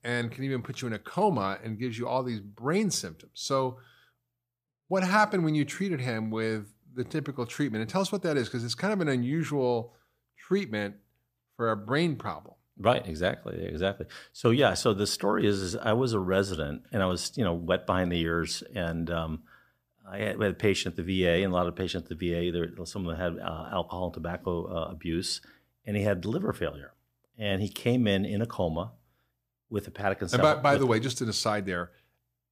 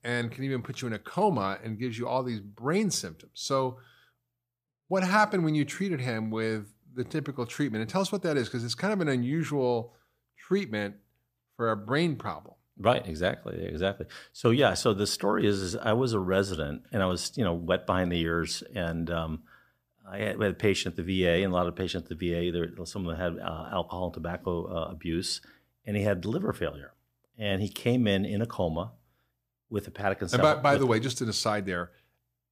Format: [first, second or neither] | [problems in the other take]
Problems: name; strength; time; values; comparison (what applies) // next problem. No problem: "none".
neither | none